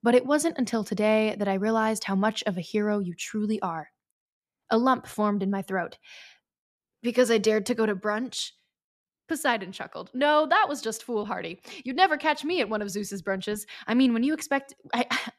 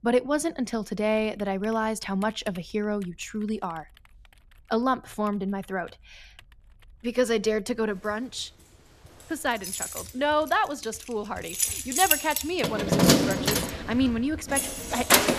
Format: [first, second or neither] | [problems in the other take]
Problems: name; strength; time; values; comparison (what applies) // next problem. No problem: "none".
first | household noises; very loud; throughout; 3 dB above the speech